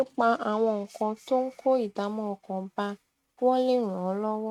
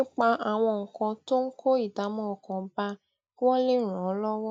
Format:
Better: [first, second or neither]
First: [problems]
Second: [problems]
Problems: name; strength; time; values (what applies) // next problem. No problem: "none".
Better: second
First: noise reduction (neural mask model RNNoise)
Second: none